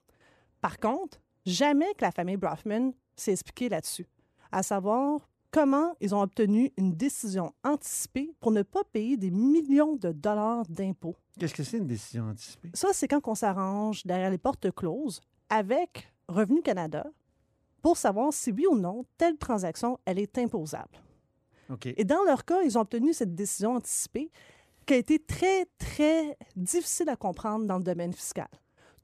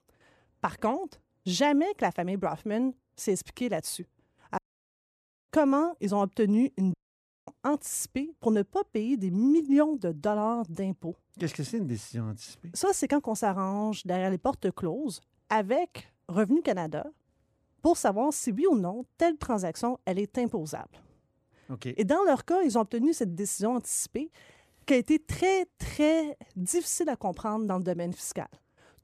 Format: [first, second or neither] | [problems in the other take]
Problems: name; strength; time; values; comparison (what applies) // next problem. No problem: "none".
first | audio cutting out; at 4.5 s for 1 s and at 7 s for 0.5 s